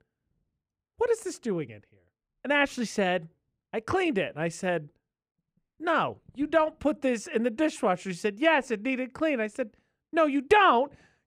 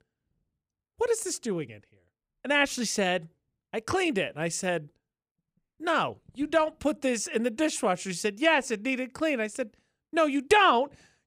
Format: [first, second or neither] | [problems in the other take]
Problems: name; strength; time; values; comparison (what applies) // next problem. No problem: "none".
second | muffled; slightly; fading above 3.5 kHz